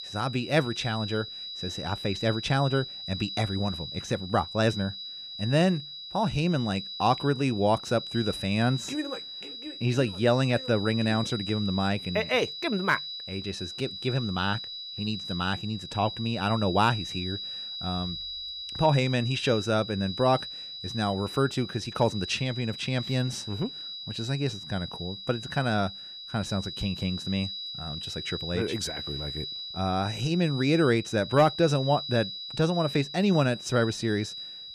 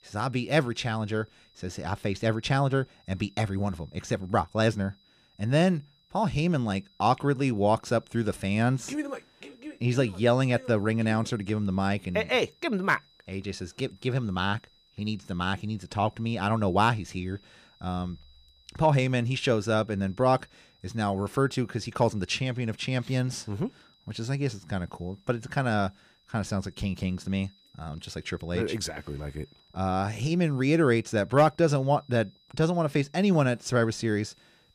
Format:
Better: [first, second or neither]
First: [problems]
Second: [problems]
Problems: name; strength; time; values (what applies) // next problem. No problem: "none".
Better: second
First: high-pitched whine; loud; throughout; 4 kHz, 8 dB below the speech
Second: high-pitched whine; faint; throughout; 4 kHz, 35 dB below the speech